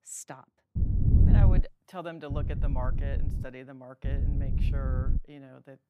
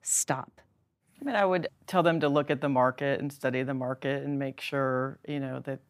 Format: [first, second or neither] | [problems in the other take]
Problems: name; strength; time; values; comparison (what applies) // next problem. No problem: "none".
second | wind noise on the microphone; heavy; at 1 s, from 2.5 to 3.5 s and from 4 to 5 s; as loud as the speech